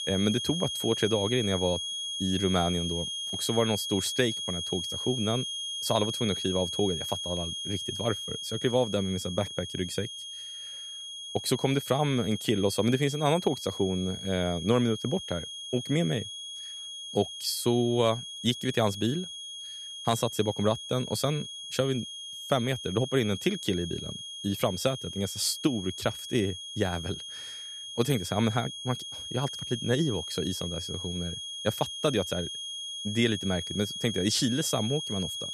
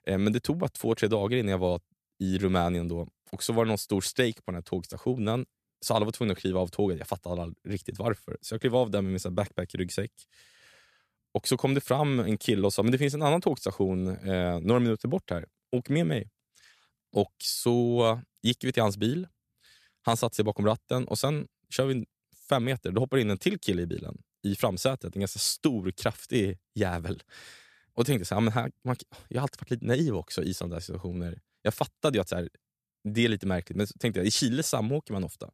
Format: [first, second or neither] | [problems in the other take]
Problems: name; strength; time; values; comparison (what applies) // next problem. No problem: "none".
second | high-pitched whine; loud; throughout; 3.5 kHz, 5 dB below the speech